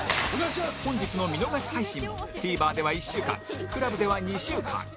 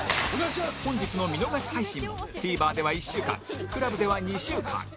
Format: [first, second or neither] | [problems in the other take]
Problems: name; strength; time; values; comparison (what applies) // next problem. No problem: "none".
second | background sound (Wind instrument, woodwind instrument); 18 dB below the speech